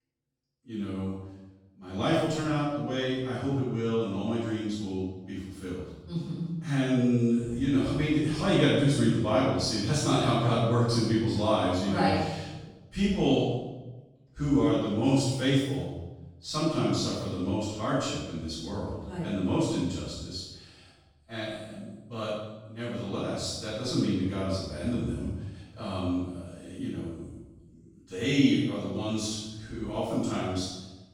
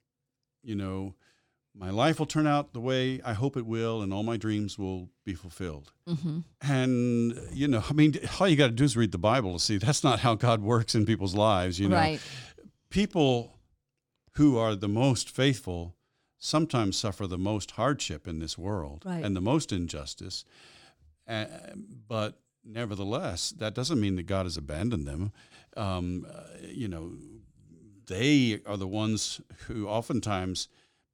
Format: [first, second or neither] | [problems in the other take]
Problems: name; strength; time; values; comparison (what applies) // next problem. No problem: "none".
second | room echo; strong; dies away in 0.9 s // off-mic speech; far